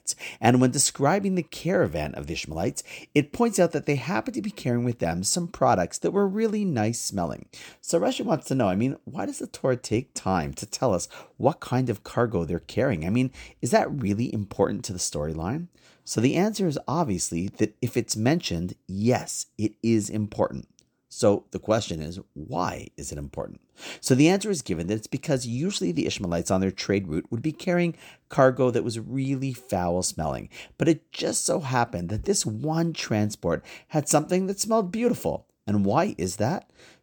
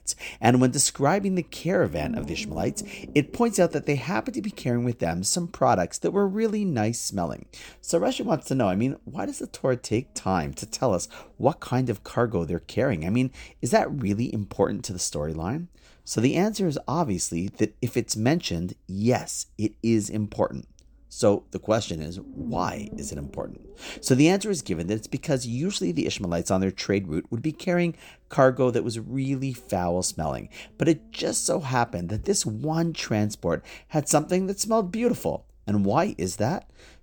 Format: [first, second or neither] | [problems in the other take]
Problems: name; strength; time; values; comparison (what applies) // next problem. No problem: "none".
first | low rumble; faint; throughout; 20 dB below the speech